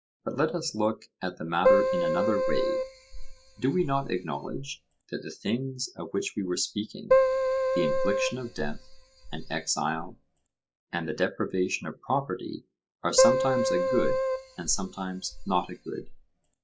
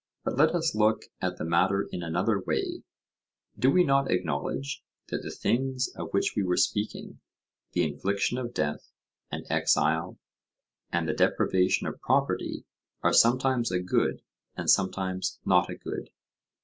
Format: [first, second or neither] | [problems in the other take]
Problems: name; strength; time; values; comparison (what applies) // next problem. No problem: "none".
second | noise reduction (classical method log-MMSE)